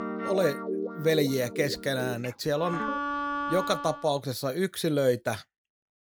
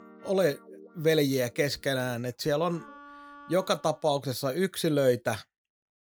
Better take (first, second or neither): second